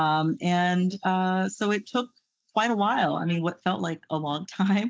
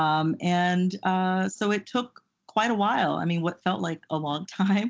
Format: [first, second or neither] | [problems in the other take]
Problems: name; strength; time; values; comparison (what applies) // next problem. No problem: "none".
second | noise reduction (neural mask model Resemble Enhance denoiser)